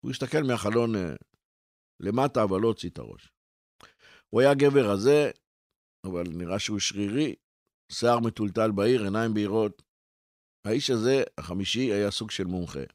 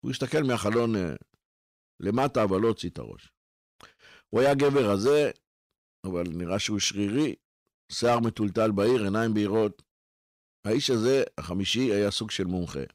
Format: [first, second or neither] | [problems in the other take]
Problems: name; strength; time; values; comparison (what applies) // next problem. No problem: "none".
first | distortion; slight; 5% of the sound clipped